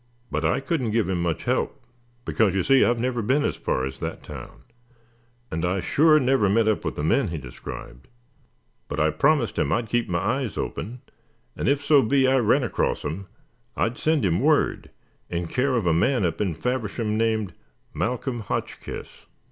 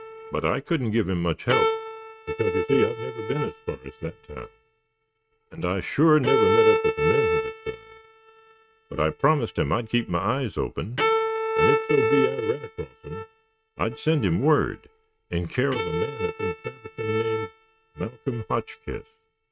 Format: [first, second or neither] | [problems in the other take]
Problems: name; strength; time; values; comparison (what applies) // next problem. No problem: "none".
first | noise reduction (neural mask model RNNoise)